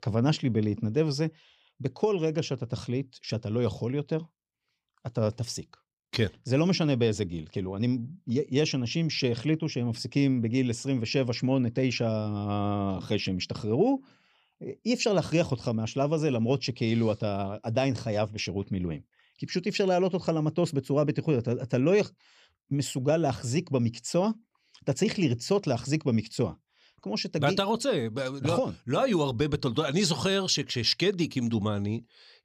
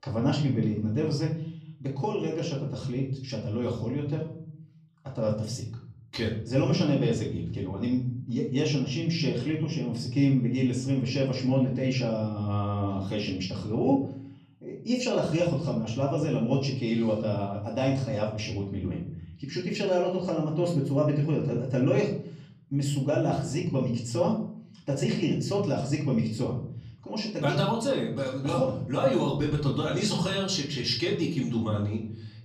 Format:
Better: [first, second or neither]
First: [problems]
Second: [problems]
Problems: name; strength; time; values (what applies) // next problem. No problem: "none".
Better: first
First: none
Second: off-mic speech; far // room echo; slight; dies away in 0.7 s